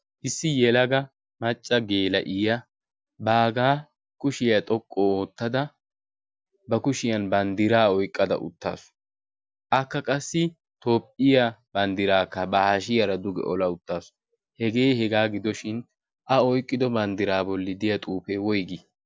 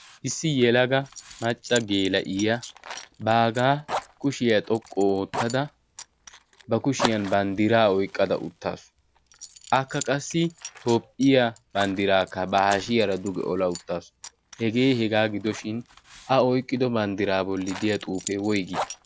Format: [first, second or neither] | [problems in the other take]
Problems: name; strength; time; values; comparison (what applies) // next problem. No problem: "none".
first | background sound (Fire + Coin (dropping) / Zipper (clothing)); 14 dB below the speech